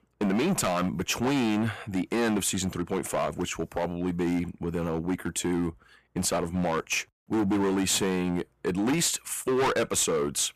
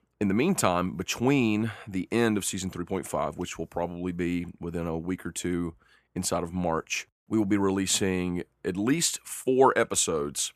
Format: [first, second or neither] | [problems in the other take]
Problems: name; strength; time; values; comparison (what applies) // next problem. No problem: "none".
second | distortion; heavy; 15% of the sound clipped